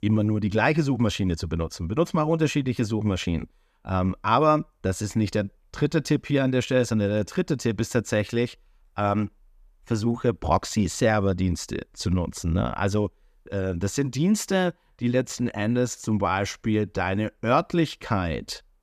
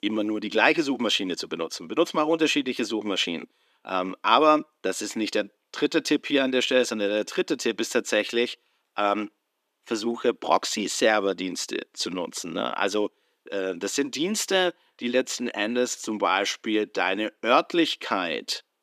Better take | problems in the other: first | thin; somewhat; fading below 300 Hz

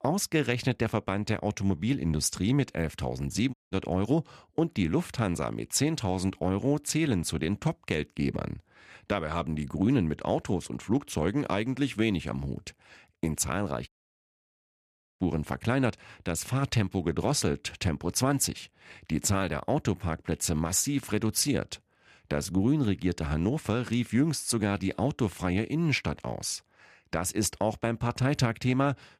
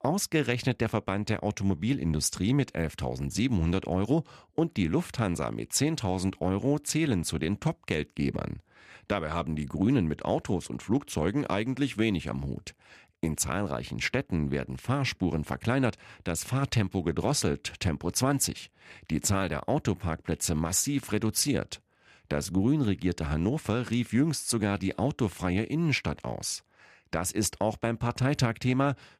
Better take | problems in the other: second | audio cutting out; at 3.5 s and at 14 s for 1.5 s

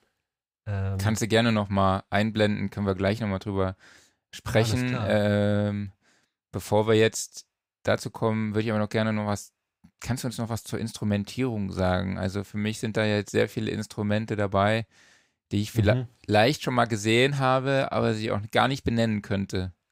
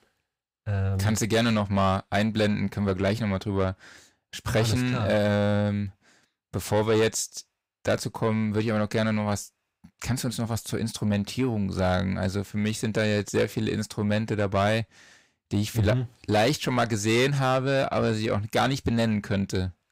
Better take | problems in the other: first | distortion; slight; 10 dB below the speech

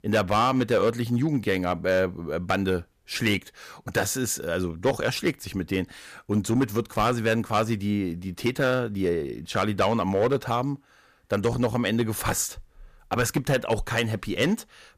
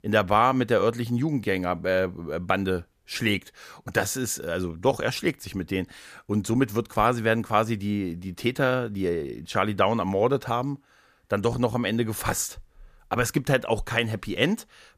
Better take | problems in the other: second | distortion; slight; 3% of the sound clipped

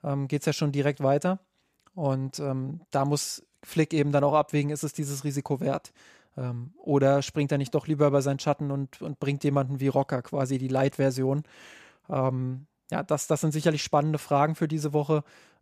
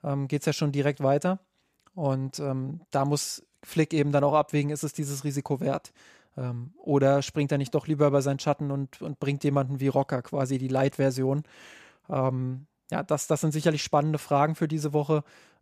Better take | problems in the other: neither | none

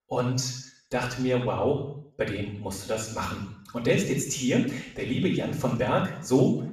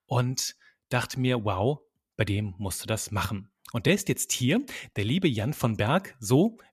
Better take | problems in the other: second | room echo; noticeable; dies away in 0.7 s // off-mic speech; far

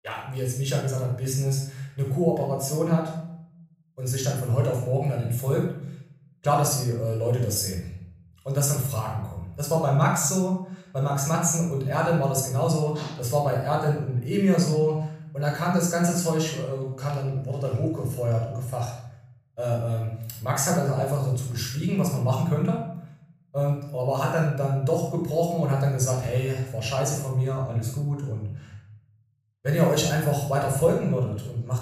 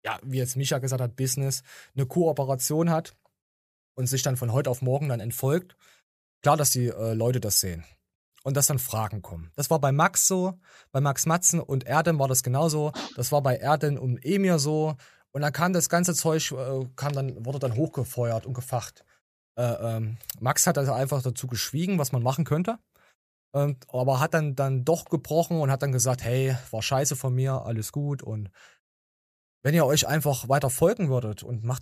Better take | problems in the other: second | off-mic speech; somewhat distant // room echo; noticeable; dies away in 0.7 s

